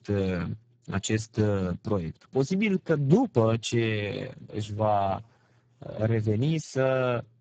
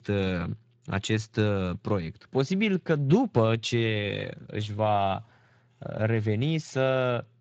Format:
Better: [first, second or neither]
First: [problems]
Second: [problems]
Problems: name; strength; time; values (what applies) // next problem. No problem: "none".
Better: second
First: garbled, watery; badly; nothing above 7.5 kHz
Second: garbled, watery; slightly; nothing above 7.5 kHz